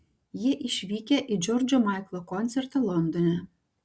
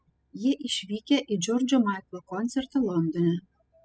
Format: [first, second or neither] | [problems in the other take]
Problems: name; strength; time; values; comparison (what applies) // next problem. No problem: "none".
first | noise reduction (classical method spectral subtraction)